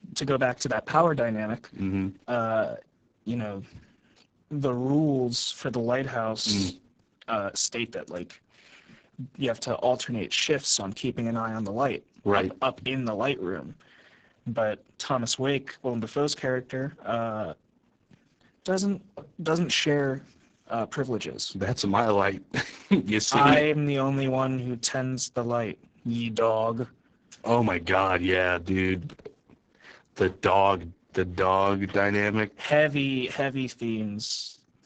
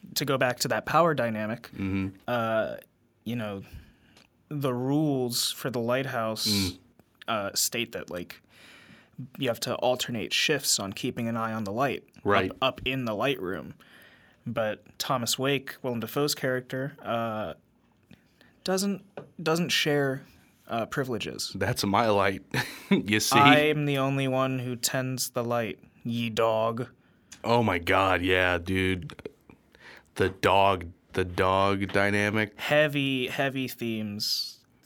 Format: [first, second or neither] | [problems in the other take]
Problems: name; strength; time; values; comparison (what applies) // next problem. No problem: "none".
second | garbled, watery; badly; nothing above 7.5 kHz